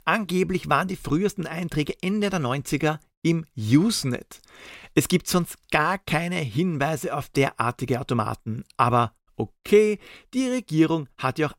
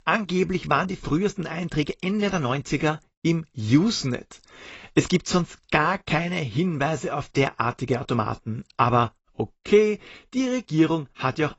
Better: first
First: none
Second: garbled, watery; badly; nothing above 7.5 kHz

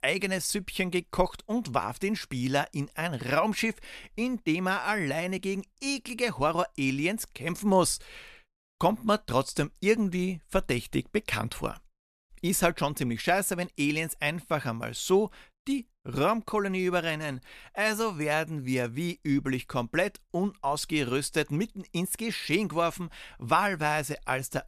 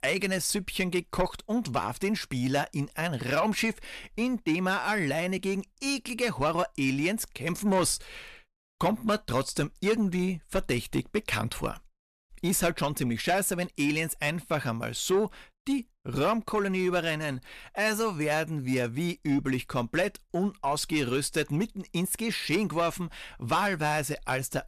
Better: first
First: none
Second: distortion; slight; 10 dB below the speech

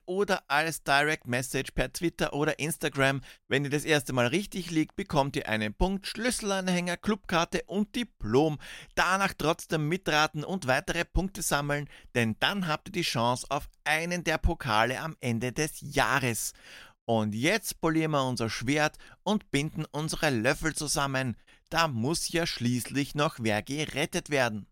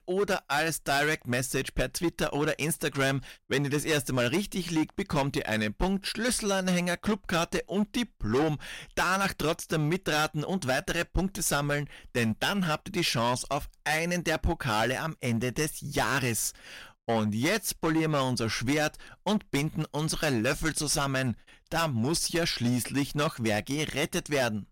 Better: first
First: none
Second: distortion; heavy; 9% of the sound clipped

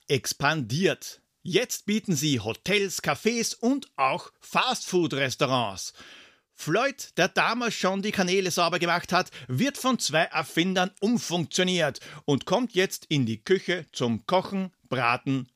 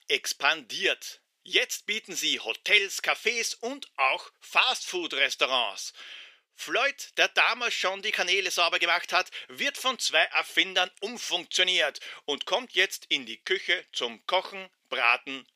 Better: first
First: none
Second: thin; very; fading below 400 Hz

